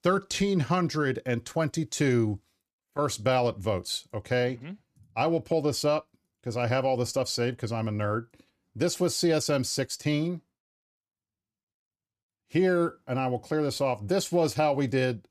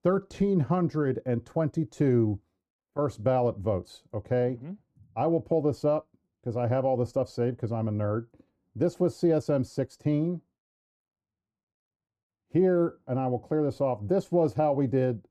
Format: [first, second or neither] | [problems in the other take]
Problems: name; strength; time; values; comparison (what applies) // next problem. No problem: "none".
first | muffled; very; fading above 1.5 kHz